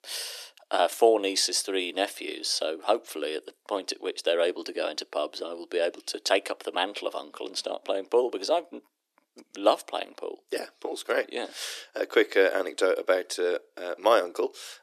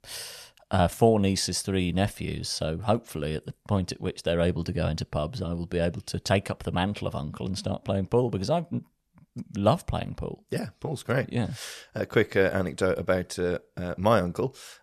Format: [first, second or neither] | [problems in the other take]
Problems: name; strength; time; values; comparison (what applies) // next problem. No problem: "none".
second | thin; very; fading below 300 Hz